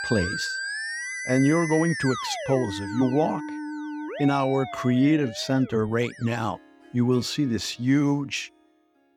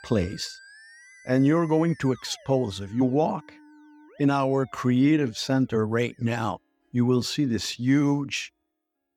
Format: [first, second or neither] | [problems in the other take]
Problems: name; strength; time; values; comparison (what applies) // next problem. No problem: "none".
second | background music; loud; throughout; 7 dB below the speech; faint in the second